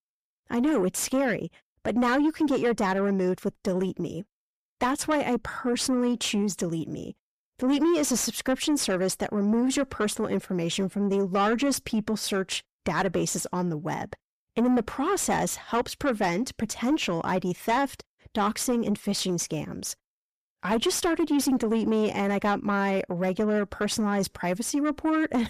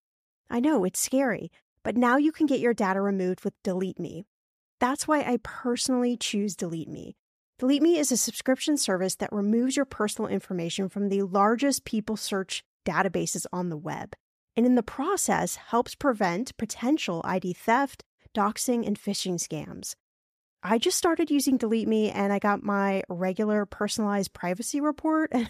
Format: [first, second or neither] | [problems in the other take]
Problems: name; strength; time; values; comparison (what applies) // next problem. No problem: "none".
second | distortion; slight; 9 dB below the speech